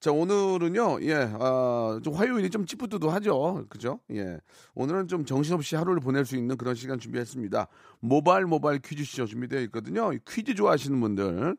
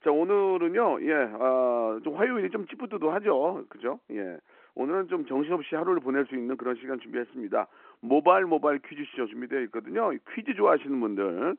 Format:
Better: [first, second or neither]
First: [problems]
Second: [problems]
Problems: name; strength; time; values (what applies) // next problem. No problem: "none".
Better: first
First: none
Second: phone-call audio